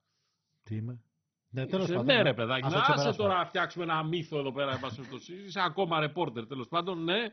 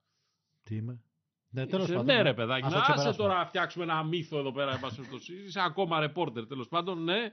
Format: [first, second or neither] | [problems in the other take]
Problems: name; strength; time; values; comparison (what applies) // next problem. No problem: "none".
second | garbled, watery; badly; nothing above 6 kHz; slightly in the second